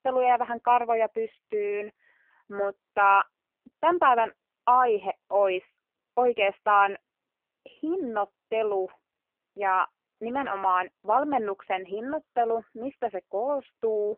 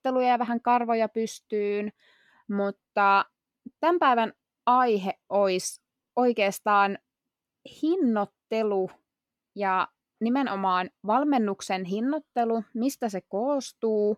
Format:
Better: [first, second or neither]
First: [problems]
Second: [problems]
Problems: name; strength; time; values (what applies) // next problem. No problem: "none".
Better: second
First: phone-call audio; poor line; nothing above 3 kHz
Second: none